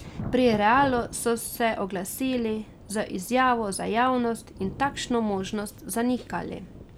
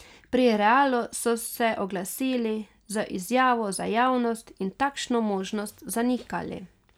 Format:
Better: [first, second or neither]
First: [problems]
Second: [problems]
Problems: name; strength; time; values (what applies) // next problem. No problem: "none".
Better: second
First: background sound (Thunder / Rain); 15 dB below the speech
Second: none